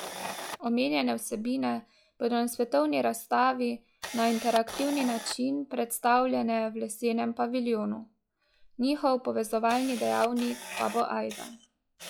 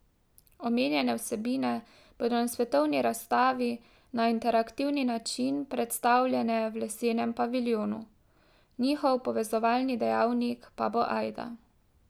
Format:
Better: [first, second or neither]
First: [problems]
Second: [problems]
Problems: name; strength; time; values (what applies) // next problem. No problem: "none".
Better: second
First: noise reduction (classical method log-MMSE)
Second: none